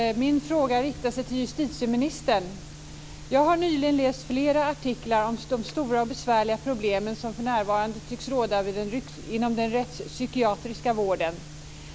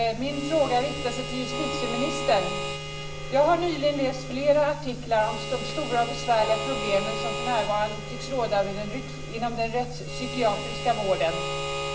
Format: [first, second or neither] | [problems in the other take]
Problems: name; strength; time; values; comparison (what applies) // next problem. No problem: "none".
first | background sound (Harmonica); 8 dB below the speech // room echo; dies away in 0.7 s